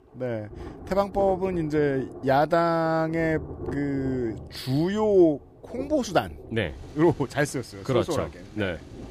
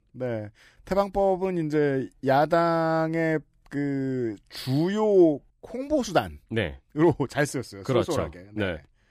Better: second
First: rain or running water; noticeable; throughout; 15 dB below the speech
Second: none

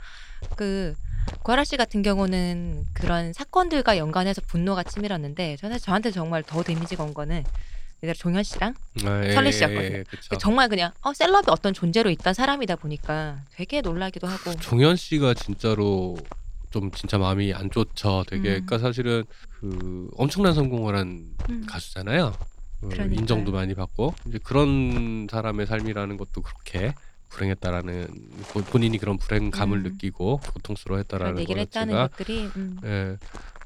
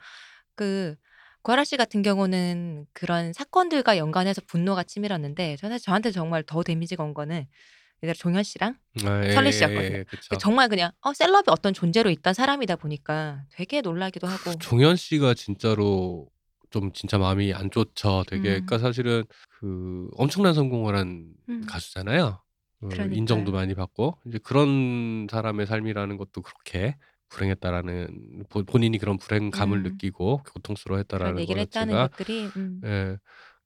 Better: second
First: animal sounds; noticeable; throughout; 15 dB below the speech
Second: none

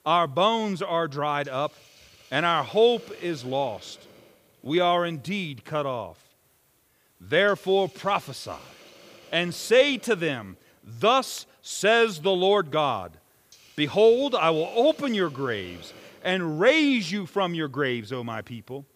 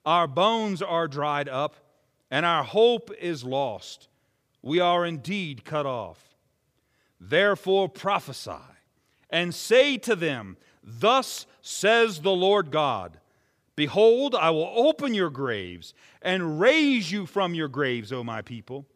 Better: second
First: hiss; faint; throughout; 25 dB below the speech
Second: none

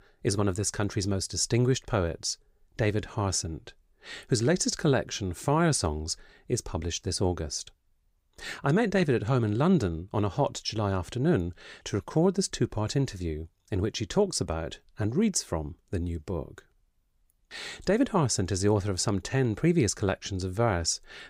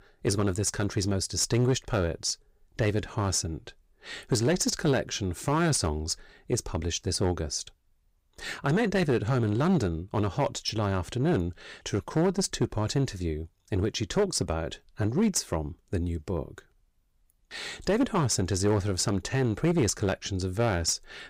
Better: first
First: none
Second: distortion; slight; 5% of the sound clipped

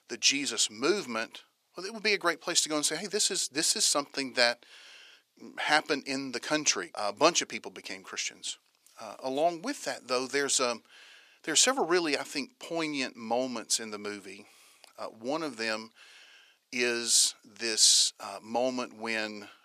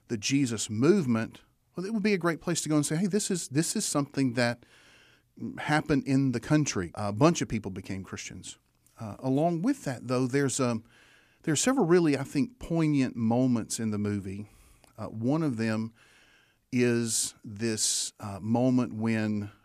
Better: second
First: thin; somewhat; fading below 550 Hz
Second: none

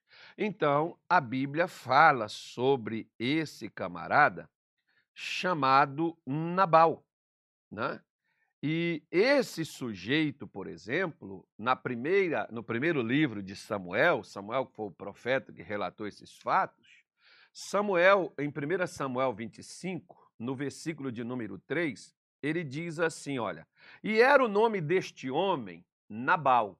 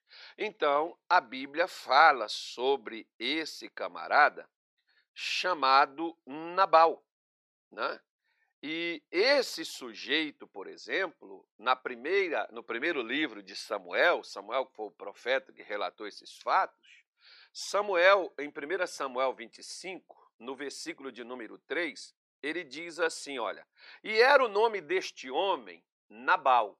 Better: first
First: none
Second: thin; somewhat; fading below 400 Hz

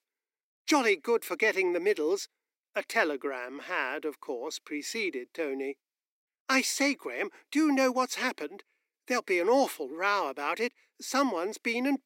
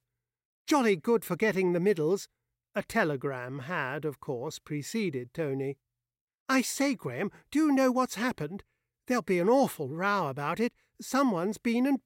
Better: second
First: thin; very slightly; fading below 300 Hz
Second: none

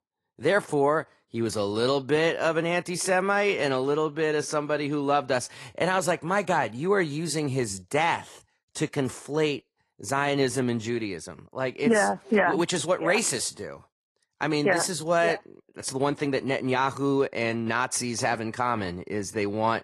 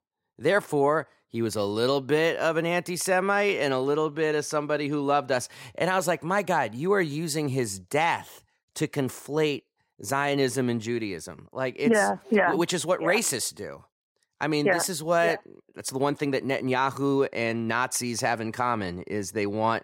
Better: second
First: garbled, watery; slightly; nothing above 11 kHz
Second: none

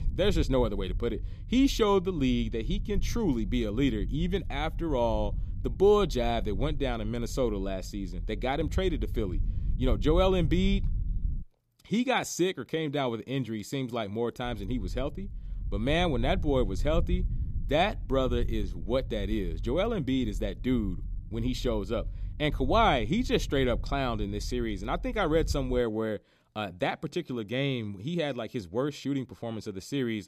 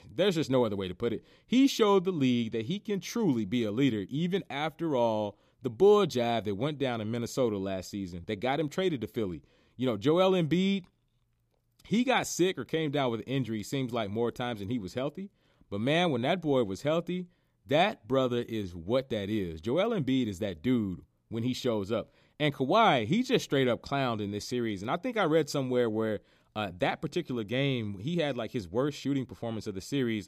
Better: second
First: low rumble; faint; until 11 s and from 14 to 26 s; 25 dB below the speech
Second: none

